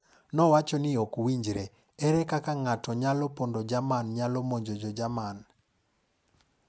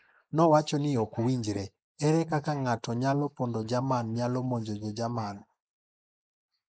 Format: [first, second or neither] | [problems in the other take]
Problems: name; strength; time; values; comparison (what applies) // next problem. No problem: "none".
first | noise reduction (neural mask model Resemble Enhance denoiser)